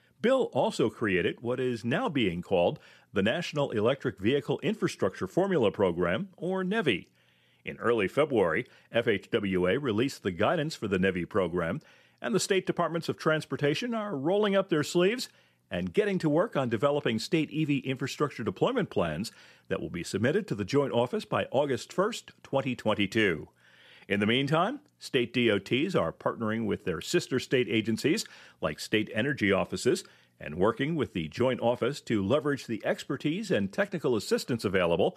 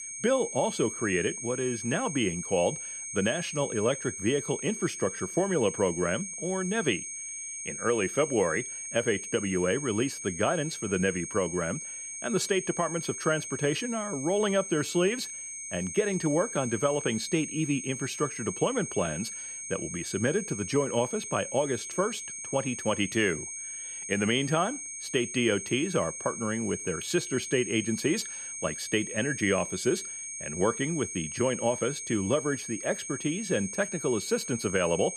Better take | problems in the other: first | high-pitched whine; loud; throughout; 6.5 kHz, 6 dB below the speech

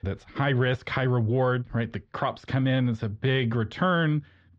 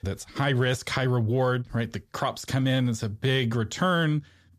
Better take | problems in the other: second | muffled; very; fading above 3 kHz

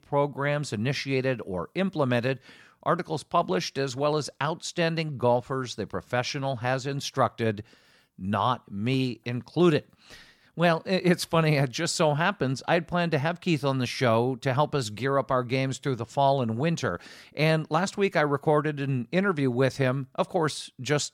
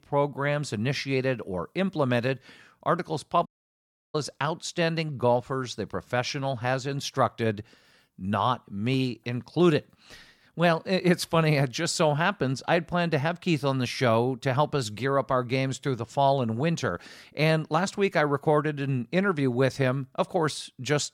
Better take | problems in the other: first | audio cutting out; at 3.5 s for 0.5 s

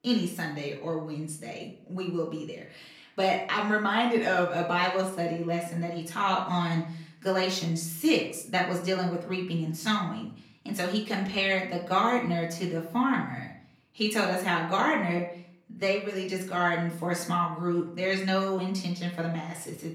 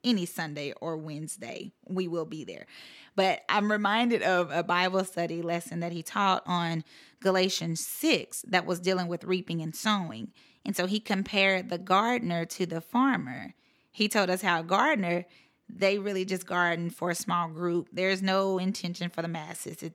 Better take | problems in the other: second | off-mic speech; far // room echo; slight; dies away in 0.5 s

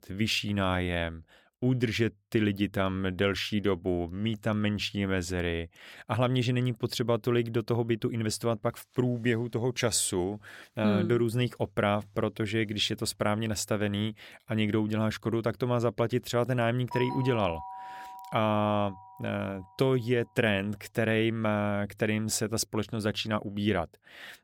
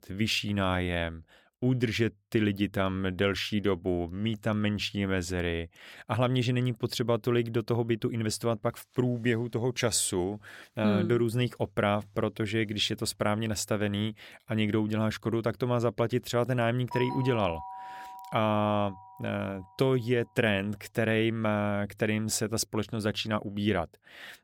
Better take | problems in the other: neither | doorbell; noticeable; from 17 to 19 s; peak 8 dB below the speech; the same in both

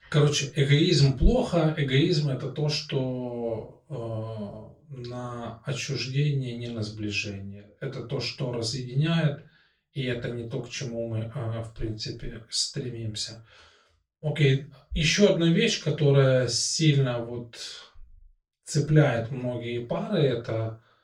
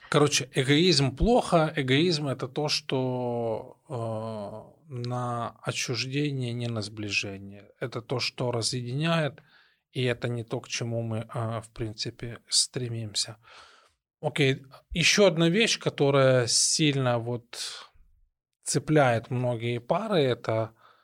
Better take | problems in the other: second | room echo; slight; dies away in 0.2 s // off-mic speech; far

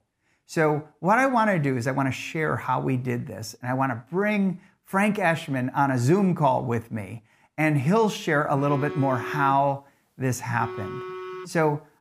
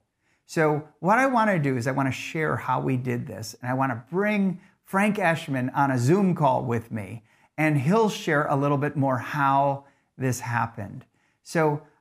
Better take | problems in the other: second | phone ringing; faint; from 8.5 s on; peak 10 dB below the speech

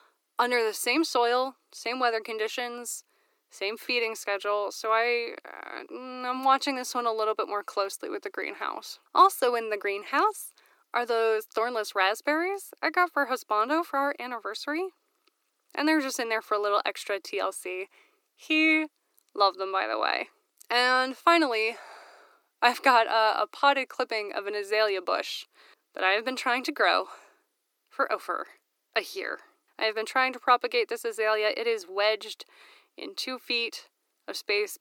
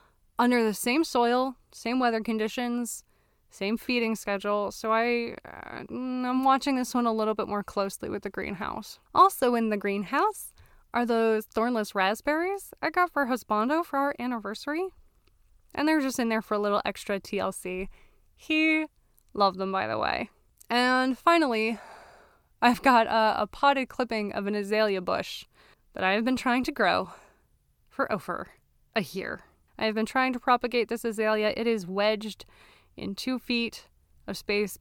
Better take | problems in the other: second | thin; somewhat; fading below 300 Hz

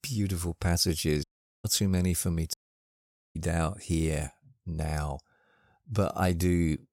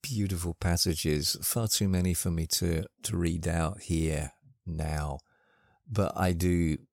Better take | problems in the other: second | audio cutting out; at 1 s and at 2.5 s for 1 s

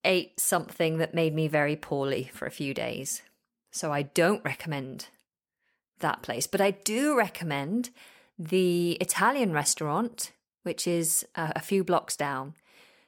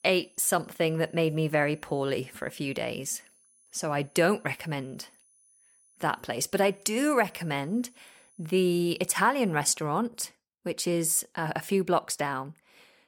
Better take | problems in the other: first | high-pitched whine; faint; until 10 s; 10 kHz, 30 dB below the speech

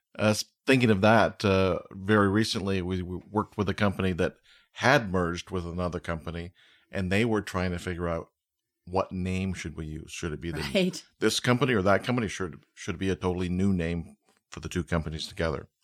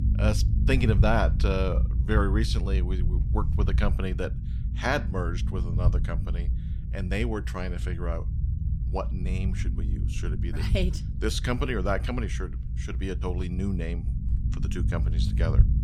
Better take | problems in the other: first | low rumble; noticeable; throughout; 10 dB below the speech

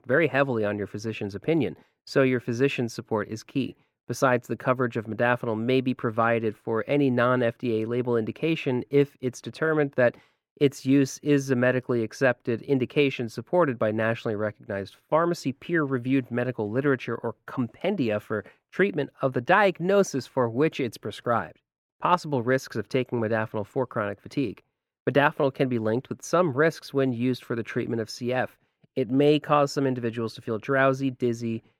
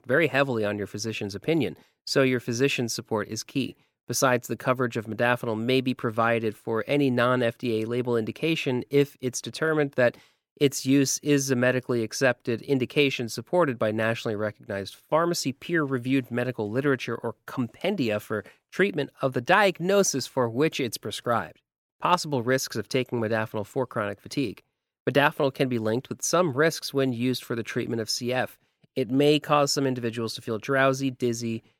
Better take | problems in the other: second | muffled; slightly; fading above 3 kHz

